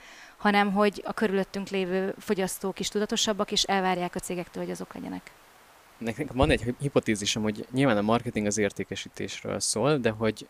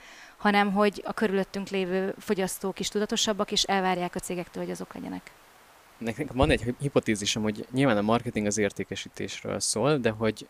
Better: neither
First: hiss; faint; throughout; 30 dB below the speech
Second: hiss; faint; throughout; 30 dB below the speech

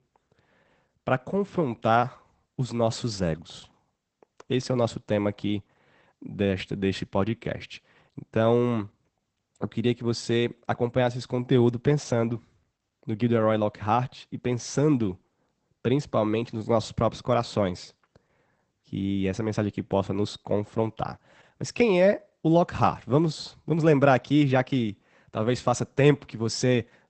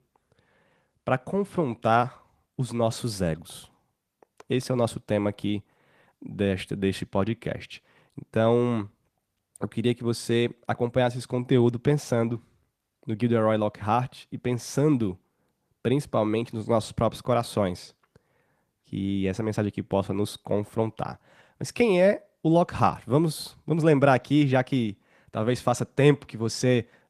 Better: second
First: garbled, watery; badly; nothing above 8 kHz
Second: garbled, watery; slightly; nothing above 14.5 kHz

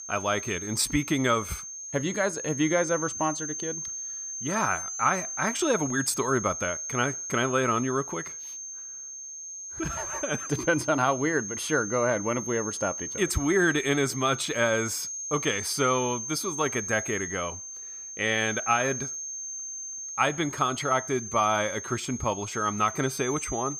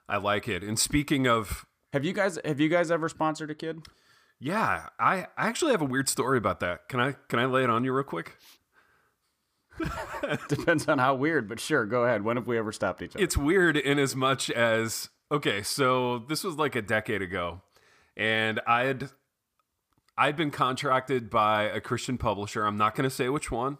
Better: second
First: high-pitched whine; loud; throughout; 6.5 kHz, 6 dB below the speech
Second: none

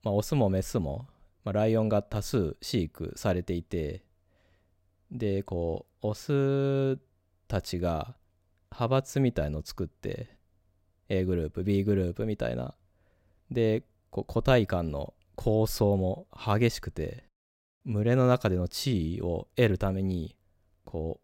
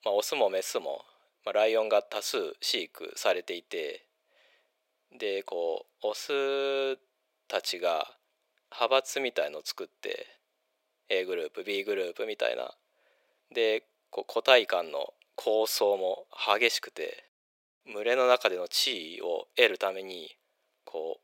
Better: first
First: none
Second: thin; very; fading below 450 Hz

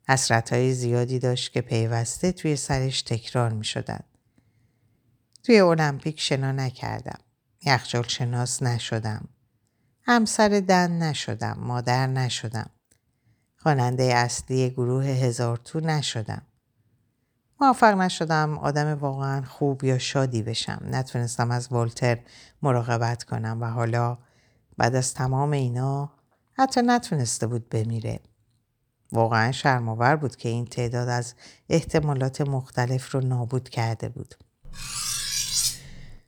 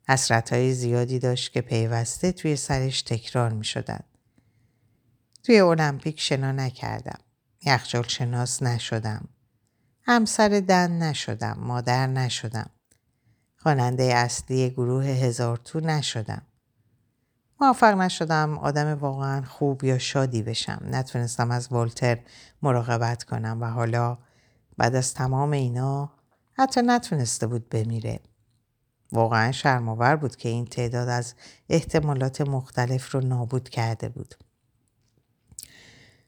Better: second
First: clattering dishes; loud; from 35 s on; peak 2 dB above the speech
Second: none

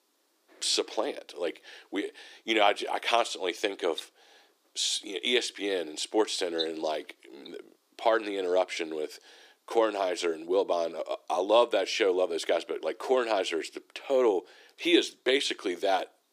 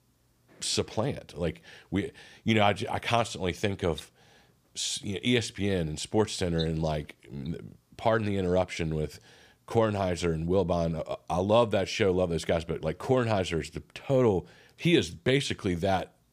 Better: second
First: thin; very; fading below 300 Hz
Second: none

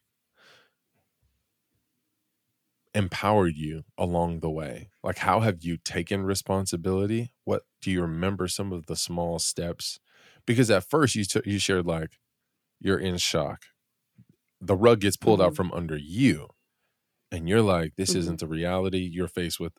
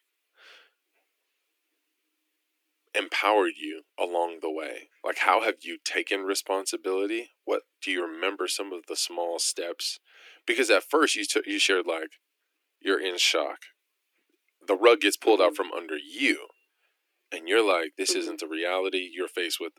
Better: first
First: none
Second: thin; somewhat; fading below 300 Hz

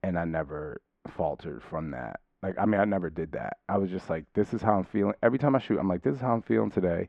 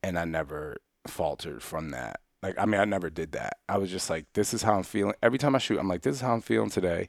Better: second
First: muffled; very; fading above 1.5 kHz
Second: none

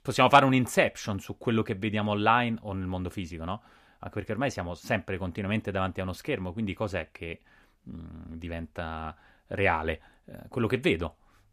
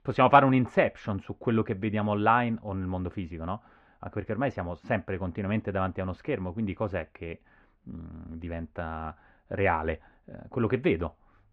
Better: first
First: none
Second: muffled; very; fading above 2 kHz

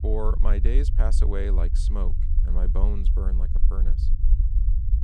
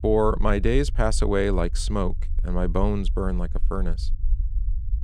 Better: second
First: low rumble; loud; throughout; 9 dB below the speech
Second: low rumble; faint; throughout; 25 dB below the speech

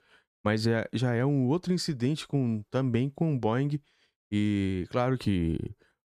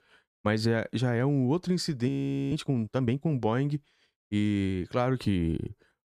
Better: first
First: none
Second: audio freezing; at 2 s

